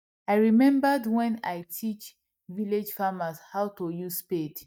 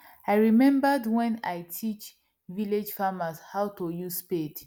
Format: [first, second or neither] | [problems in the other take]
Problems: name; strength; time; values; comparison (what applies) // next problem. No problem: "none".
second | noise reduction (neural mask model DeepFilterNet 3)